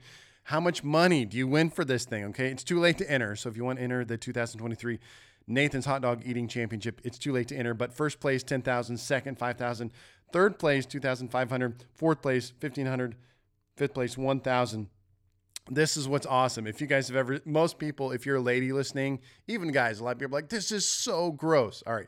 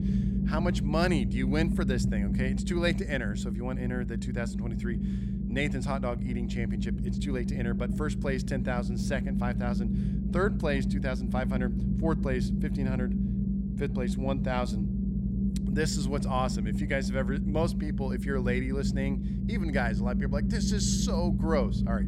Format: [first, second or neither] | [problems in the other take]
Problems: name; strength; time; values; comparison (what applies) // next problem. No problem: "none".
first | low rumble; loud; throughout; 5 dB below the speech